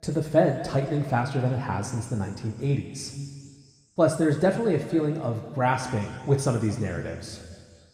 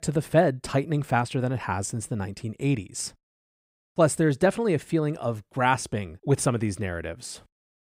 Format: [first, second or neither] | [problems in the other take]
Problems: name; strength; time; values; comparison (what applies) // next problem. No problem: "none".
second | room echo; slight; dies away in 2.2 s